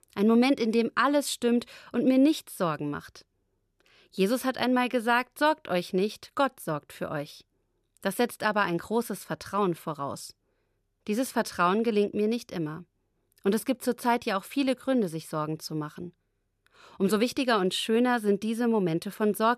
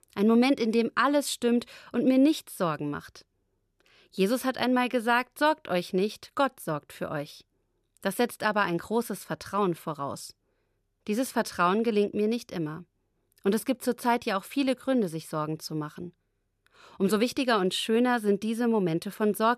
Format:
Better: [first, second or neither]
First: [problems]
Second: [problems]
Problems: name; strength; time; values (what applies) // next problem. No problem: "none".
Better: neither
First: none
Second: none